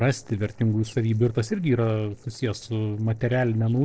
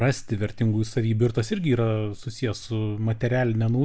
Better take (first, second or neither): second